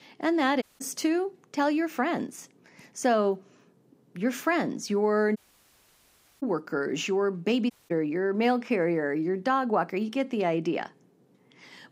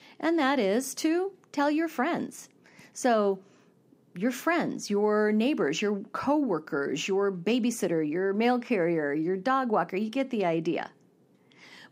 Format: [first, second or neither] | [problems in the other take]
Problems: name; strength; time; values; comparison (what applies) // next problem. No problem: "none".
second | audio cutting out; at 0.5 s, at 5.5 s for 1 s and at 7.5 s